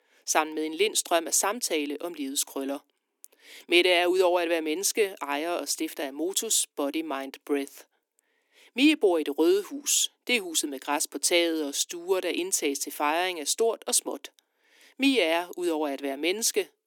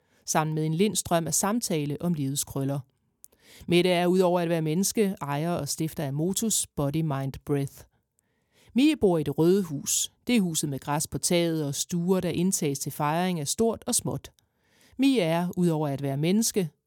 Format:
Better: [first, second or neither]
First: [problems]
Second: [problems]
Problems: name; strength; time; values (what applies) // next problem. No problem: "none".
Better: second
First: thin; somewhat; fading below 300 Hz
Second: none